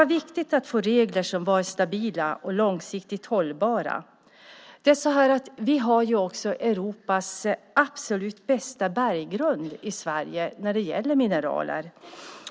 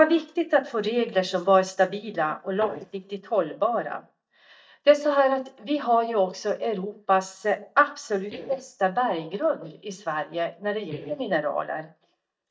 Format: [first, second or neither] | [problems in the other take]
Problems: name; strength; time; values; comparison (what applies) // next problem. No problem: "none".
first | noise reduction (neural mask model DeepFilterNet 3)